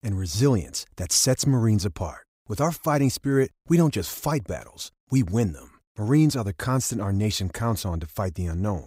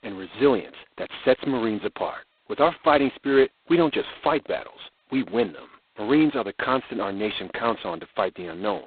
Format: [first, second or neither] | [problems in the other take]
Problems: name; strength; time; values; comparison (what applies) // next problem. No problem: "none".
first | phone-call audio; poor line; nothing above 4 kHz